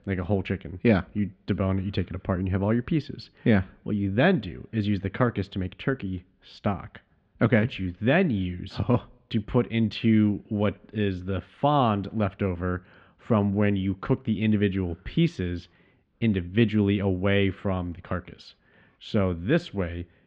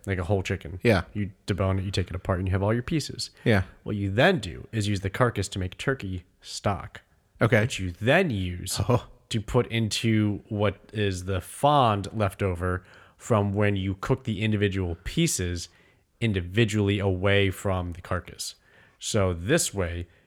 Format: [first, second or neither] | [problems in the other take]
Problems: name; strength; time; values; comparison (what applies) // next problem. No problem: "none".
second | muffled; slightly; fading above 3.5 kHz